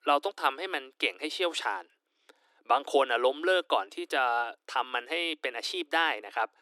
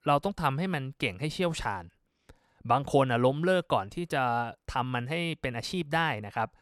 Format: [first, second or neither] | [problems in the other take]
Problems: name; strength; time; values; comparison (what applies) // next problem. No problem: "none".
second | thin; very; fading below 300 Hz